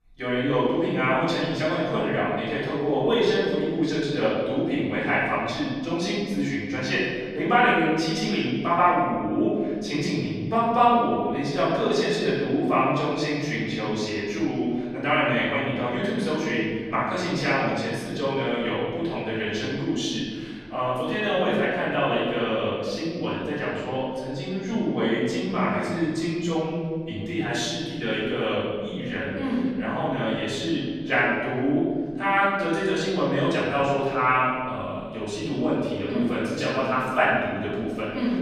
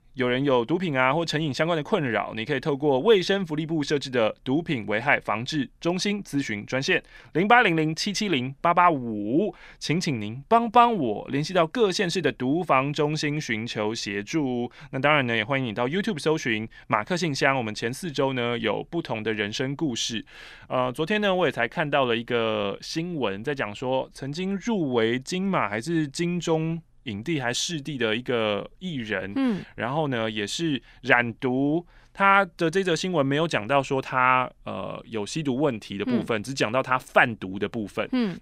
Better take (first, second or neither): second